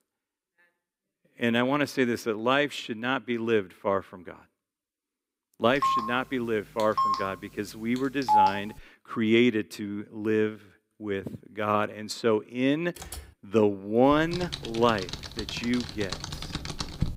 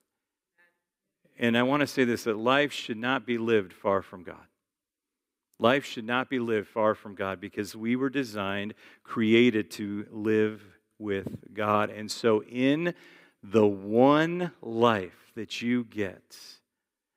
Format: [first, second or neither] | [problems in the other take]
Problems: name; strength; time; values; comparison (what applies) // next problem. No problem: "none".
second | phone ringing; loud; from 6 to 8.5 s; peak 5 dB above the speech // keyboard typing; faint; at 13 s; peak 15 dB below the speech // keyboard typing; noticeable; from 14 s on; peak 5 dB below the speech